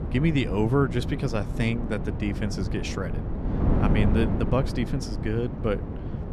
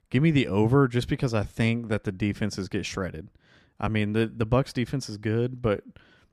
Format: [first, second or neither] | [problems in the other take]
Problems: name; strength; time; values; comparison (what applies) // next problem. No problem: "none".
second | wind noise on the microphone; heavy; 6 dB below the speech